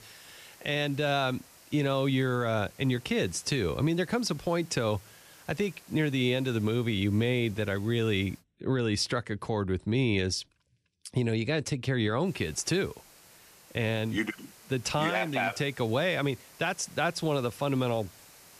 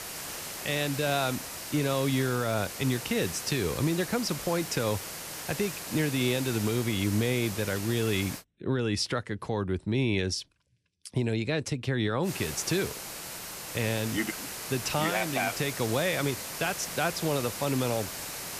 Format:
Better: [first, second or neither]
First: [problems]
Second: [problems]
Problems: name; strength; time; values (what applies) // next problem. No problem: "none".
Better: first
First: hiss; faint; until 8.5 s and from 12 s on; 25 dB below the speech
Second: hiss; loud; until 8.5 s and from 12 s on; 6 dB below the speech